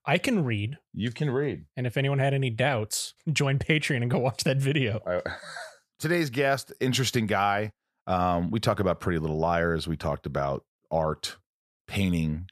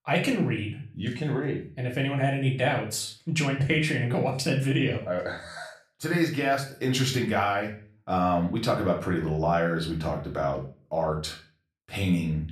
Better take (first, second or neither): first